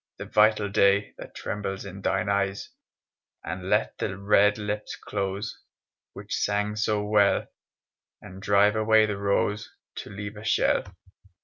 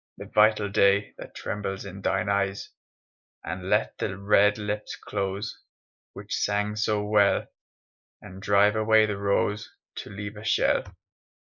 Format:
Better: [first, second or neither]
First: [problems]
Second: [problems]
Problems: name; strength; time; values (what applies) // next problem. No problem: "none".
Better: first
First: none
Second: noise reduction (neural mask model Resemble Enhance denoiser)